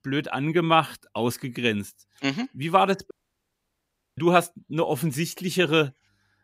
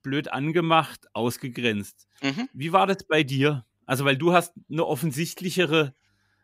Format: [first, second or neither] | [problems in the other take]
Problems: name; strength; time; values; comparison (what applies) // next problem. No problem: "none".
second | audio cutting out; at 3 s for 1 s